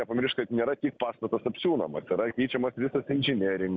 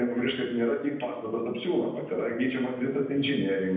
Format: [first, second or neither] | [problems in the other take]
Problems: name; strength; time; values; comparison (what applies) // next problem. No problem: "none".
first | room echo; dies away in 0.9 s